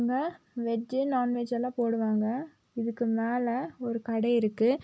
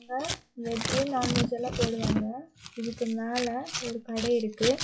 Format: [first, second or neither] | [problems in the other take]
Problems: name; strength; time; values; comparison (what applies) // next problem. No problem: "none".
first | noise reduction (classical method WPE with log-MMSE)